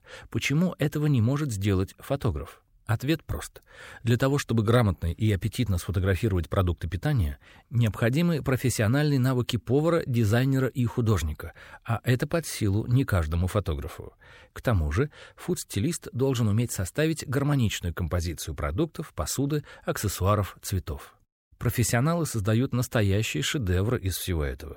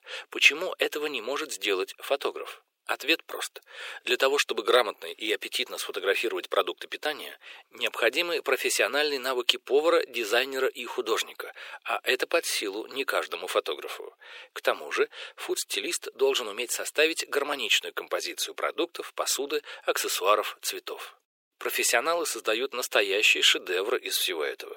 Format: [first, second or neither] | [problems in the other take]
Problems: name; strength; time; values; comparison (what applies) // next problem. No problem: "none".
first | thin; very; fading below 400 Hz